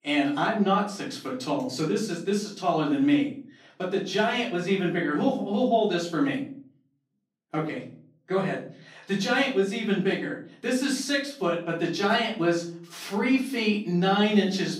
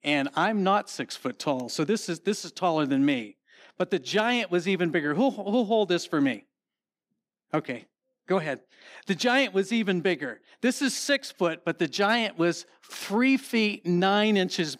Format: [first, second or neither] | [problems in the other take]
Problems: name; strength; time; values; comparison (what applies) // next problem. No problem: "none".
second | room echo; slight; dies away in 0.5 s // off-mic speech; far